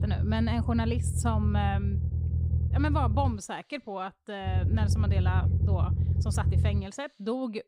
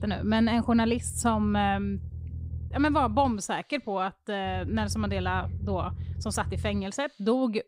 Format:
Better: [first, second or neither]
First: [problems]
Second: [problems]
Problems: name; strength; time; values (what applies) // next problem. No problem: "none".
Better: second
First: low rumble; loud; until 3.5 s and from 4.5 to 7 s; 8 dB below the speech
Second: low rumble; faint; until 3.5 s and from 4.5 to 7 s; 20 dB below the speech